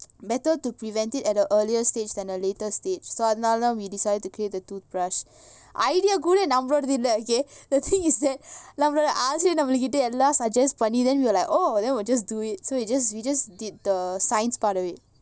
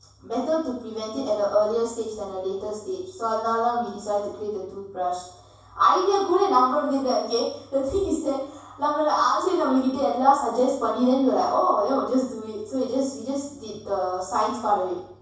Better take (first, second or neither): first